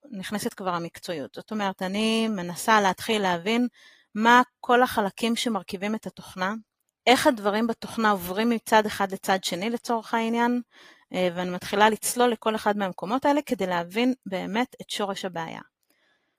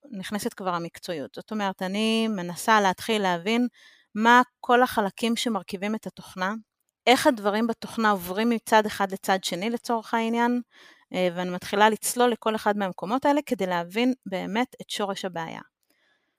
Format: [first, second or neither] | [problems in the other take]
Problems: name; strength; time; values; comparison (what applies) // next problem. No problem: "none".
second | garbled, watery; slightly; nothing above 15 kHz